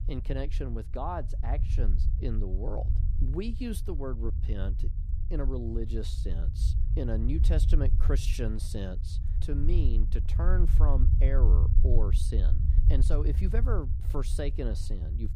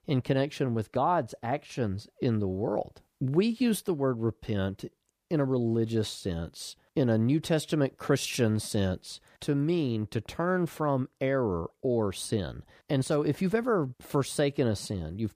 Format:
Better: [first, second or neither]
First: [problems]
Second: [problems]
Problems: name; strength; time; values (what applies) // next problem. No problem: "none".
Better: second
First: low rumble; loud; throughout; 8 dB below the speech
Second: none